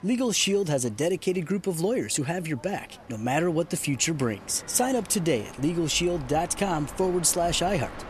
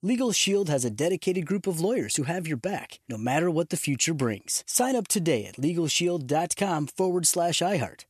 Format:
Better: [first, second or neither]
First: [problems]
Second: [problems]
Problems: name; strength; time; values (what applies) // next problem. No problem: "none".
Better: second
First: train or aircraft noise; noticeable; throughout; 20 dB below the speech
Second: none